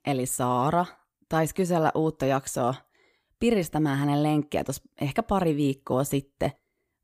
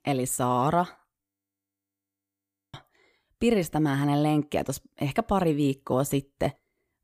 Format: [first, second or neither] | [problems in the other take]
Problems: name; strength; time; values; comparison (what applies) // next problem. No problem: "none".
first | audio freezing; at 1 s for 1.5 s